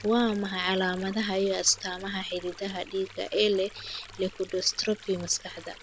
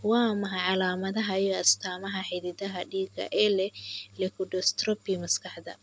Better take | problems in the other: second | background sound (Stream); 19 dB below the speech

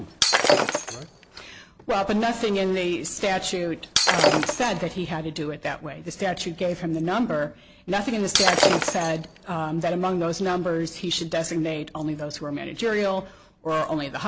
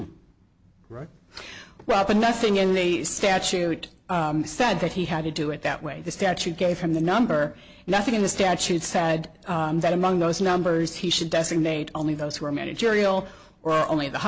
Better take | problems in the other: second | background sound (Shatter); 3 dB above the speech

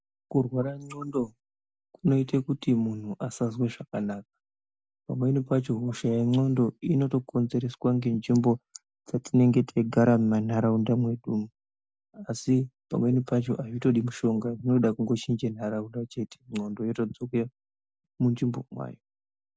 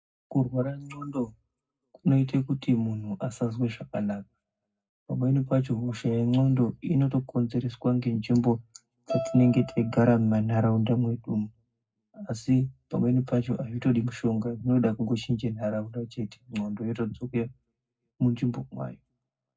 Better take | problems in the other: first | background sound (Bowed string instrument); 10 dB below the speech // room echo; dies away in 0.3 s

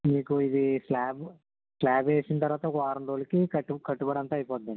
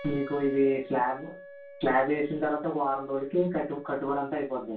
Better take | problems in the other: first | background sound (Wind instrument, woodwind instrument); 18 dB below the speech // room echo; dies away in 0.2 s

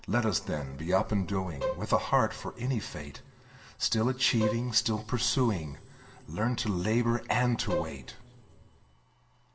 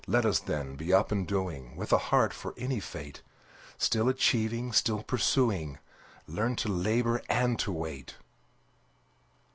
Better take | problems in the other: second | background sound (Bowed string instrument); 8 dB below the speech // room echo; dies away in 2 s

